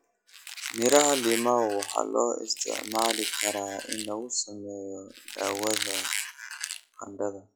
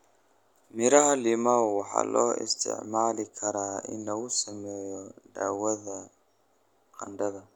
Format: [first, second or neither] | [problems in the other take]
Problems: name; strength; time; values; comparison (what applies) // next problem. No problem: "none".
second | noise reduction (classical method log-MMSE)